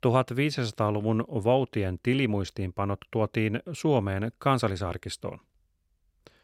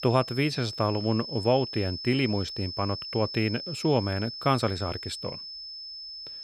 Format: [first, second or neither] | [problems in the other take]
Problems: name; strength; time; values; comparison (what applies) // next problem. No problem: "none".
first | high-pitched whine; loud; throughout; 5 kHz, 8 dB below the speech